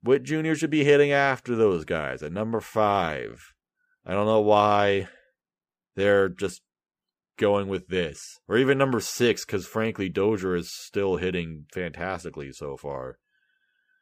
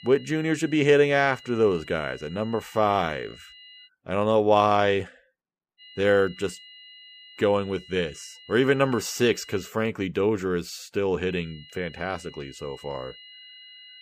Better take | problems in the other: first | high-pitched whine; faint; until 4 s, from 6 to 9.5 s and from 11 s on; 3 kHz, 20 dB below the speech

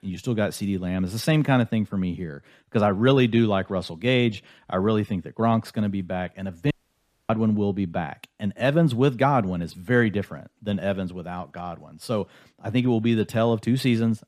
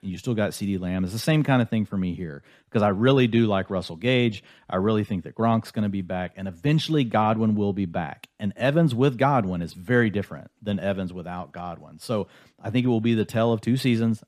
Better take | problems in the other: second | audio cutting out; at 6.5 s for 0.5 s

